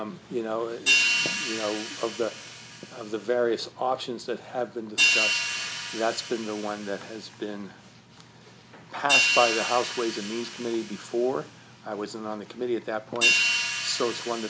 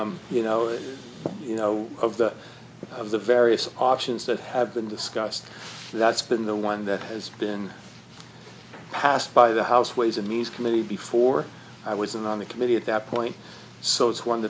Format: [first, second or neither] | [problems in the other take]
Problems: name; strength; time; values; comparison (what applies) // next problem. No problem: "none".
second | background sound (Hi-hat); 1 dB above the speech